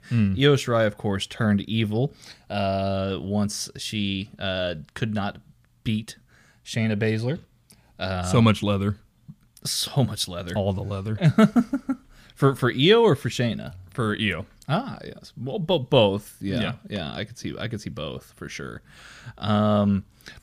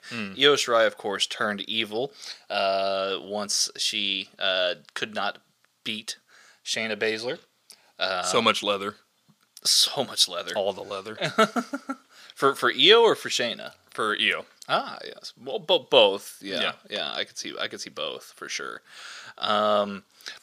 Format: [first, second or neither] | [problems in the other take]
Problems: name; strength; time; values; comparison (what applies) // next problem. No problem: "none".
first | thin; very; fading below 500 Hz